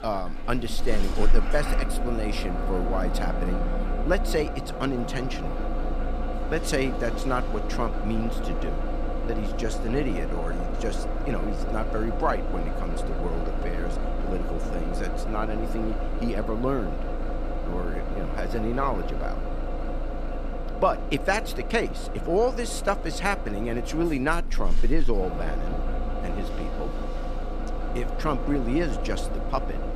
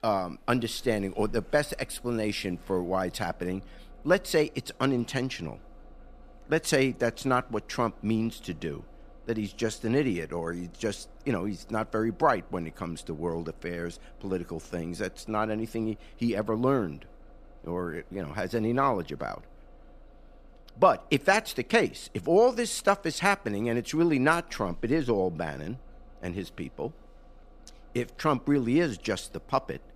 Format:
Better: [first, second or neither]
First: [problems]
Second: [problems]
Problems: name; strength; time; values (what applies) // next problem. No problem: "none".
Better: second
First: traffic noise; loud; throughout; 2 dB below the speech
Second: traffic noise; faint; throughout; 25 dB below the speech